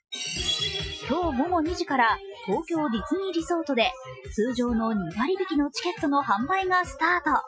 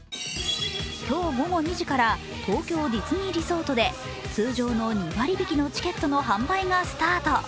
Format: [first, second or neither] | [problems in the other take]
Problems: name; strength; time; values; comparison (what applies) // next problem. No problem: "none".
second | noise reduction (classical method Wiener filter)